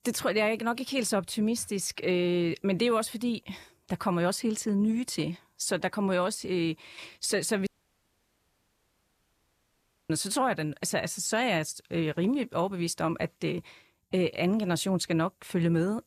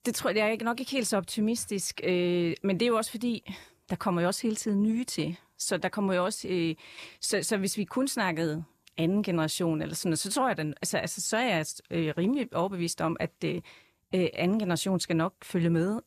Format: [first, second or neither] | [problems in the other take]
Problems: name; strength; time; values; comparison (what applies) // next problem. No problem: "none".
second | audio cutting out; at 7.5 s for 2.5 s